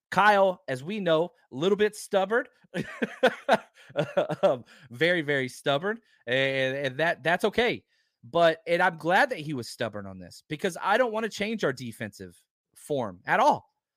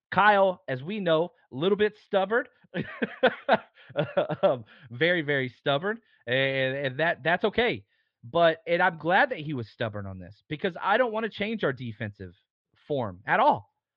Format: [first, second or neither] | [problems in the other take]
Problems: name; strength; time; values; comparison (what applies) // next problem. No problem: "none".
first | muffled; slightly; fading above 3.5 kHz